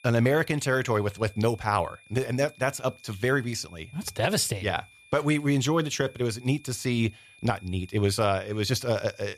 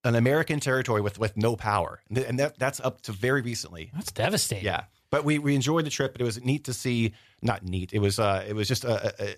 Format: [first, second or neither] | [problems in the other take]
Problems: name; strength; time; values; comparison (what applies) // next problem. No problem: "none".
second | high-pitched whine; faint; throughout; 2.5 kHz, 25 dB below the speech